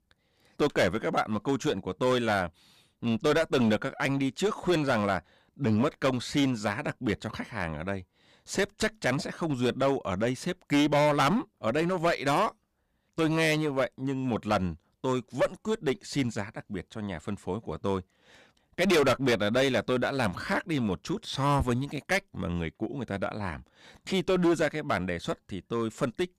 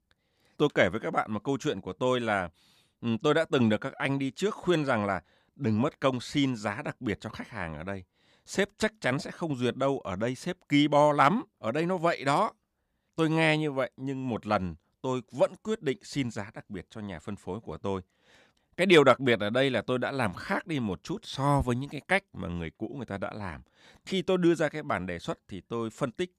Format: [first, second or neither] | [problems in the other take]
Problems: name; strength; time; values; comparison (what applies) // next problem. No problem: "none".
second | distortion; heavy; 8% of the sound clipped